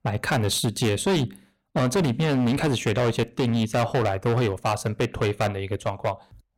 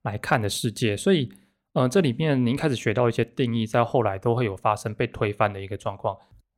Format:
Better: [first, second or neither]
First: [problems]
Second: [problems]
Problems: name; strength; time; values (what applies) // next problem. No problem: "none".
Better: second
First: distortion; heavy; 15% of the sound clipped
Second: none